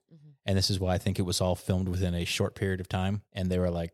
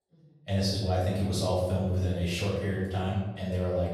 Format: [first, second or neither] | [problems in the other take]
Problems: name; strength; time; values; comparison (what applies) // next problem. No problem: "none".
first | off-mic speech; far // room echo; noticeable; dies away in 1.2 s